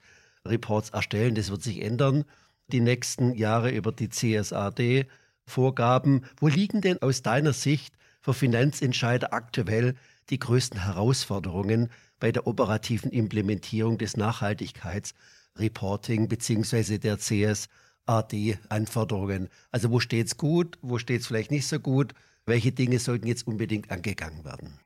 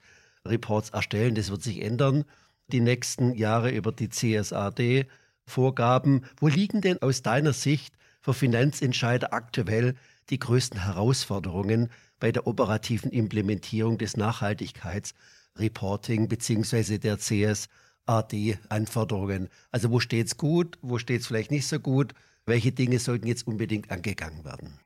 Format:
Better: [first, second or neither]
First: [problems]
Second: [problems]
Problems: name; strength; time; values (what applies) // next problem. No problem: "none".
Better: neither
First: none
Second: none